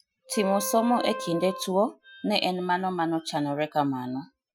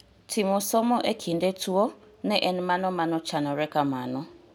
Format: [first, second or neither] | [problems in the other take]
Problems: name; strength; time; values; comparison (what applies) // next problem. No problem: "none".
second | noise reduction (classical method Wiener filter)